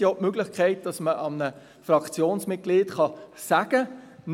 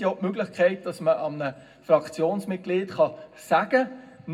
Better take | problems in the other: first | room echo; dies away in 0.3 s

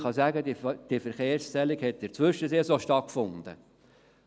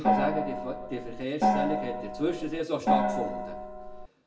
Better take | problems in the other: first | background sound (Gong); 4 dB above the speech // room echo; dies away in 0.7 s

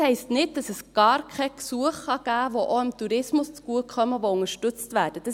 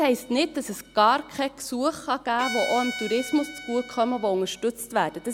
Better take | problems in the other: first | background sound (Bowed string instrument); 14 dB below the speech

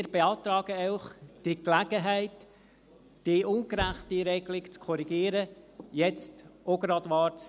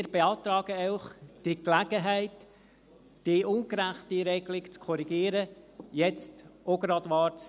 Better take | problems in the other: second | background sound (Knock); 15 dB below the speech

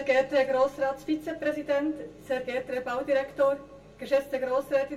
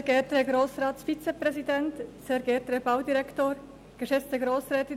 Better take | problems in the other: second | room echo; dies away in 0.2 s

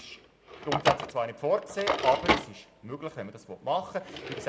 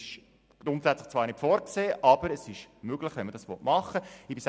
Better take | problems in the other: second | background sound (Drawer open or close); 1 dB below the speech // room echo; dies away in 0.6 s

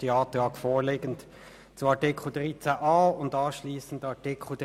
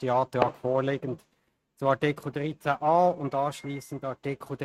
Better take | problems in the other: first | noise reduction (neural mask model RNNoise)

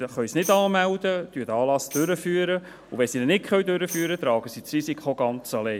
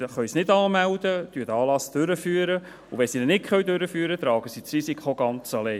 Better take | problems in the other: second | background sound (Tambourine); 18 dB below the speech

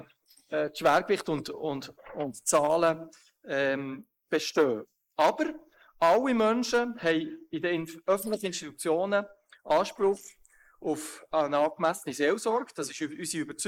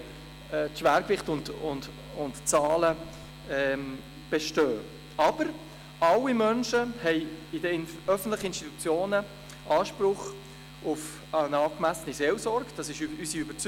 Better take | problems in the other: second | noise reduction (neural mask model Resemble Enhance denoiser)

